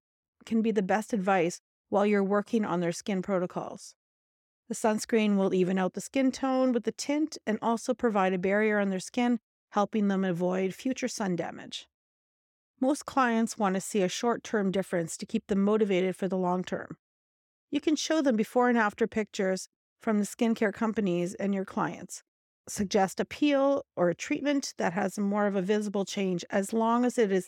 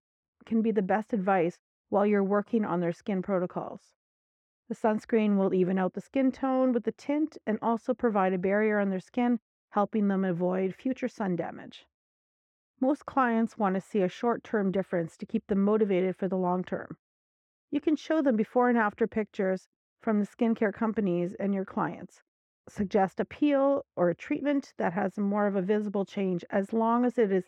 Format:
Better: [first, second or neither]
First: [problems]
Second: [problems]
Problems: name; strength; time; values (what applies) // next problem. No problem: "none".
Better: first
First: none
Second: muffled; very; fading above 3.5 kHz